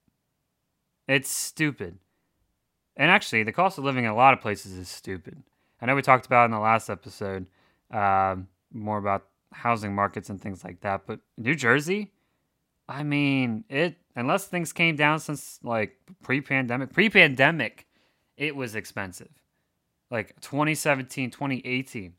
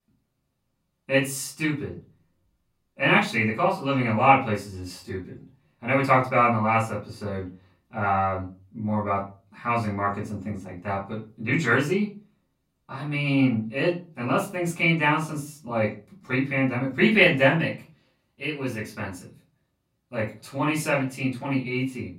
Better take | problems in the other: first | off-mic speech; far // room echo; slight; dies away in 0.3 s

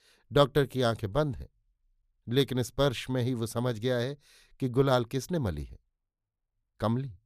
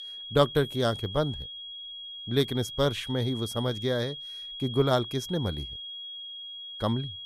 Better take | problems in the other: first | high-pitched whine; loud; throughout; 3.5 kHz, 9 dB below the speech

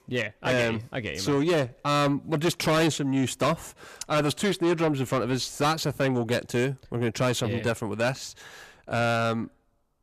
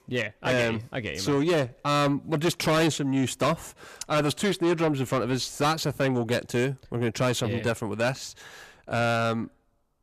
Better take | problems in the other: neither | distortion; heavy; 7 dB below the speech; the same in both

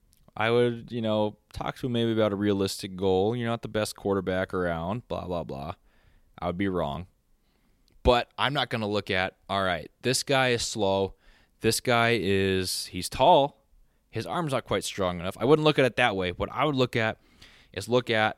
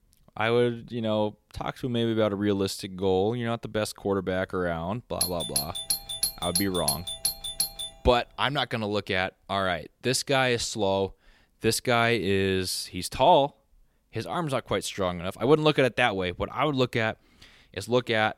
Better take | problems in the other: first | doorbell; loud; from 5 to 8 s; peak 1 dB above the speech

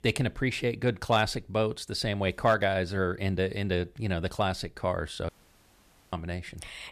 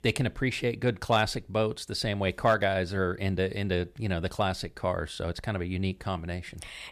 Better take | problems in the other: second | audio cutting out; at 5.5 s for 1 s

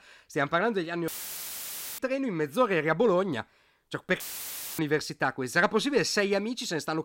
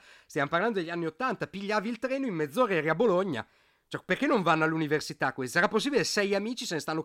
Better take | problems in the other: second | audio cutting out; filled with static; at 1 s for 1 s and at 4 s for 0.5 s

